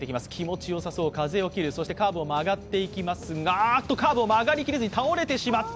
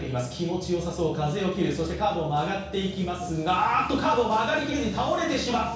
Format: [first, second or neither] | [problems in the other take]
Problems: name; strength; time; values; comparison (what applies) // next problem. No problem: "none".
first | room echo; dies away in 0.6 s